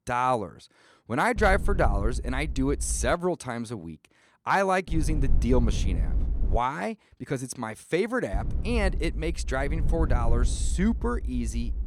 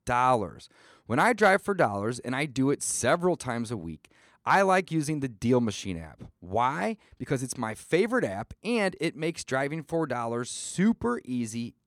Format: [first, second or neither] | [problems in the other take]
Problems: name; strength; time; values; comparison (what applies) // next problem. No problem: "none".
second | low rumble; noticeable; from 1.5 to 3 s, from 5 to 6.5 s and from 8.5 s on; 20 dB below the speech